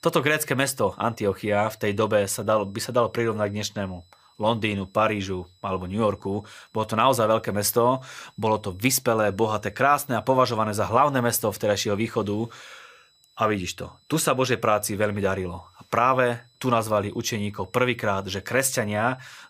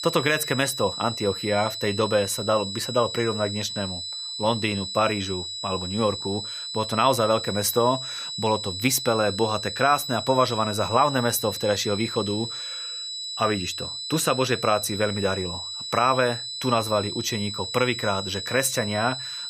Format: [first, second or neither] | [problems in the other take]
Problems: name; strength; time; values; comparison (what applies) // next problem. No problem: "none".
first | high-pitched whine; loud; throughout; 4 kHz, 6 dB below the speech; faint in the first